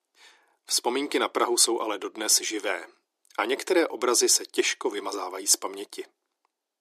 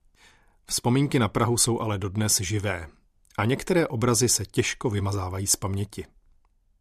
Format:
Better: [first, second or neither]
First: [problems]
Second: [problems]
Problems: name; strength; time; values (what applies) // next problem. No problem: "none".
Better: second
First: thin; very; fading below 350 Hz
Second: none